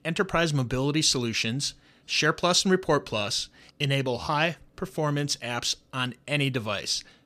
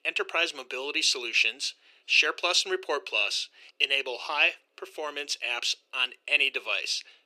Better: first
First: none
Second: thin; very; fading below 350 Hz

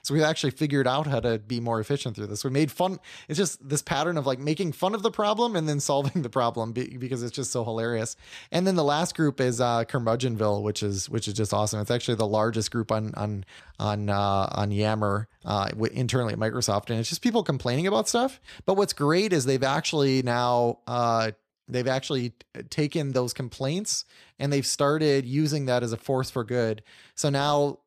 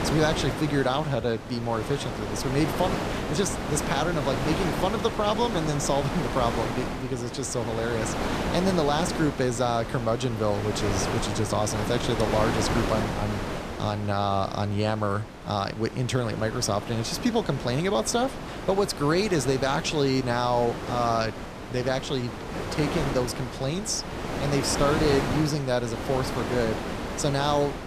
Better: first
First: none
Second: wind noise on the microphone; heavy; 5 dB below the speech

